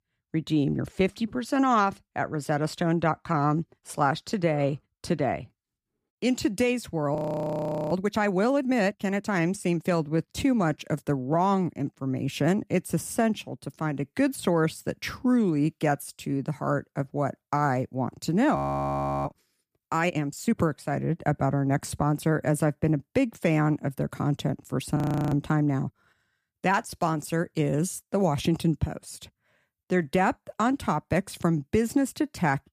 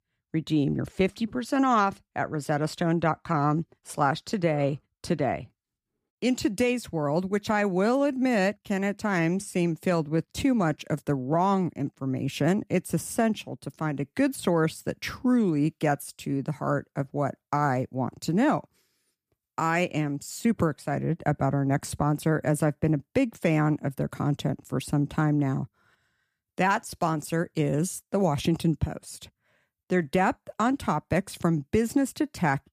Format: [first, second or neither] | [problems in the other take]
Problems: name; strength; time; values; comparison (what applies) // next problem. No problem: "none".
second | audio freezing; at 7 s for 1 s, at 19 s for 0.5 s and at 25 s